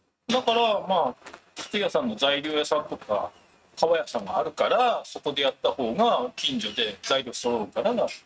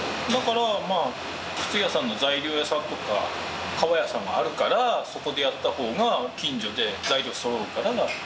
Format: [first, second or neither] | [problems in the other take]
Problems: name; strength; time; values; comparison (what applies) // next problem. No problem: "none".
second | noise reduction (neural mask model RNNoise)